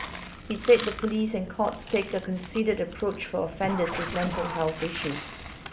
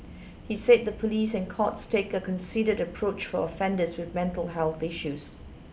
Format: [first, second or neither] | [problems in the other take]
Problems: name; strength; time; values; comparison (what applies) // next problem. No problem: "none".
second | background sound (Scratching (performance technique) + Coin (dropping)); 11 dB below the speech